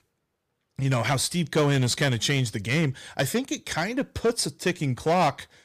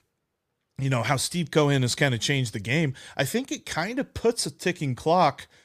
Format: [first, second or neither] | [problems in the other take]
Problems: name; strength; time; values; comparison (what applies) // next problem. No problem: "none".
second | distortion; slight; 5% of the sound clipped